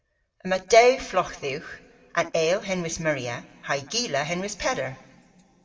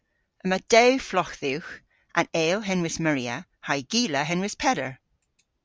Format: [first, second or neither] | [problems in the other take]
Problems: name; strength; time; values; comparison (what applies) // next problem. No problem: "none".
second | room echo; dies away in 1.1 s